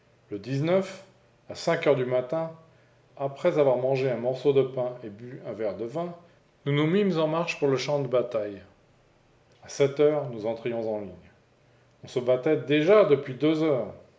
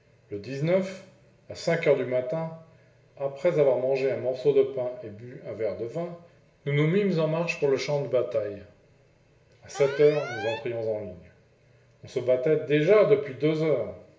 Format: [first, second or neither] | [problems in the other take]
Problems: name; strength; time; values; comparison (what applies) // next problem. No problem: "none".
first | background sound (Alarm); 14 dB below the speech // room echo; dies away in 0.6 s